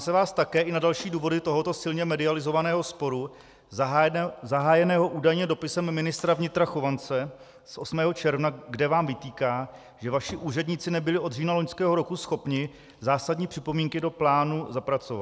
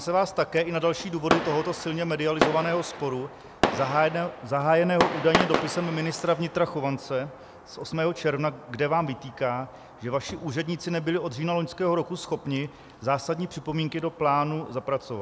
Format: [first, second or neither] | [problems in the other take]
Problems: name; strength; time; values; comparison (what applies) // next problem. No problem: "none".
first | background sound (Fireworks); 7 dB below the speech